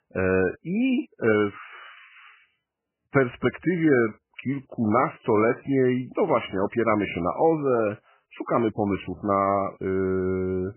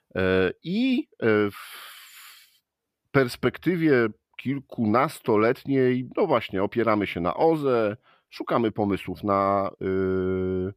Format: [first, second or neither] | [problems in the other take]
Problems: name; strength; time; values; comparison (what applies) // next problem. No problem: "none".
second | garbled, watery; badly; nothing above 3 kHz